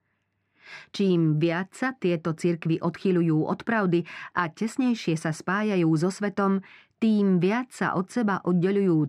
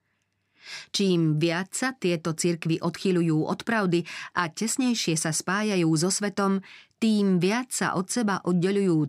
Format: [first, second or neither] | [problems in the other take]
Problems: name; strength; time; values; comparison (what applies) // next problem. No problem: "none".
second | muffled; slightly; fading above 3.5 kHz